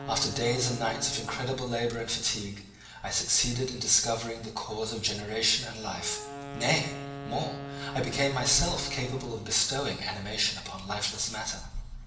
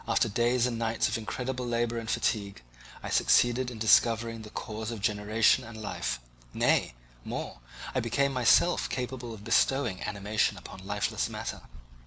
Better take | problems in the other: second | background sound (Wind instrument, woodwind instrument); 13 dB below the speech // room echo; dies away in 0.7 s

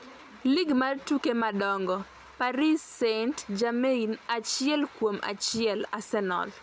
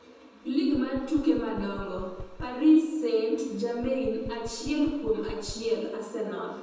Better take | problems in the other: first | background sound (Knock); 14 dB below the speech // room echo; dies away in 1.1 s

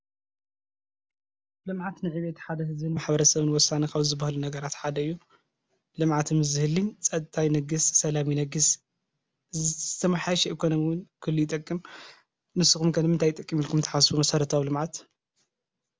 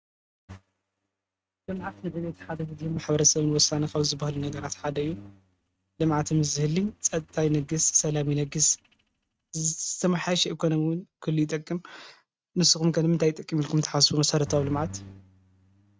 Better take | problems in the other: first | noise reduction (neural mask model RNNoise)

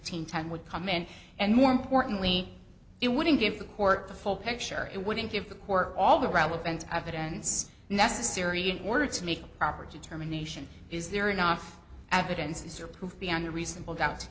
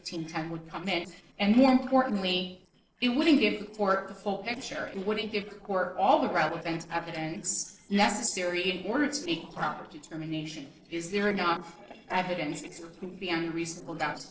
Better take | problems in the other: first | noise reduction (neural separator model SepFormer DNS4)

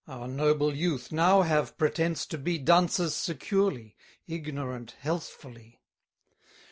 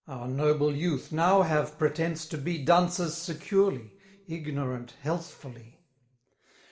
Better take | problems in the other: first | room echo; dies away in 1.8 s

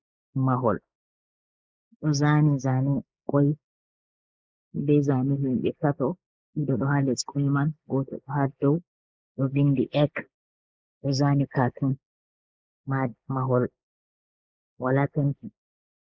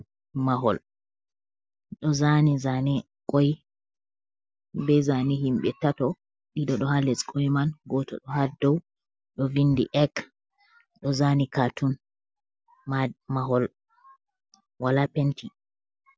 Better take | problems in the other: second | noise reduction (neural mask model Resemble Enhance denoiser)

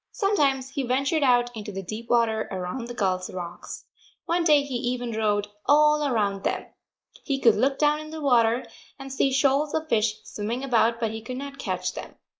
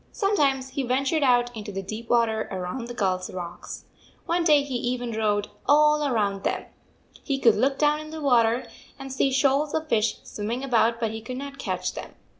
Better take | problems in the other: second | noise reduction (neural mask model Resemble Enhance denoiser)

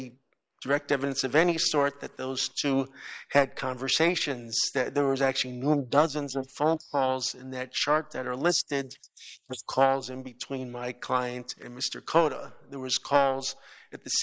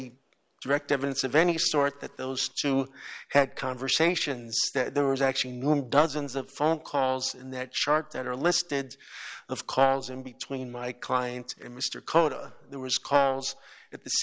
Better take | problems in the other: second | noise reduction (neural mask model Resemble Enhance denoiser)

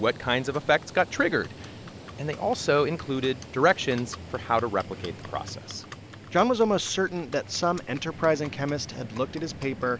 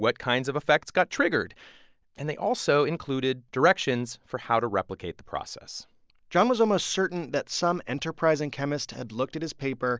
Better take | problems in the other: second | background sound (Livestock, farm animals, working animals); 14 dB below the speech

